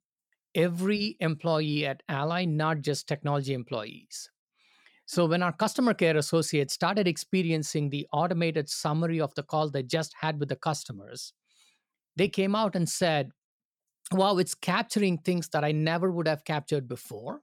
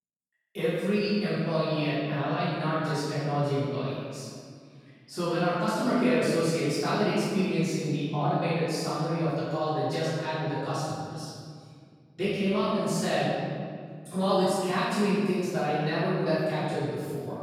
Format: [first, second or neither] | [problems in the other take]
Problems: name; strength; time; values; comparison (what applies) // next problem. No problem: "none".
first | off-mic speech; far // room echo; strong; dies away in 1.9 s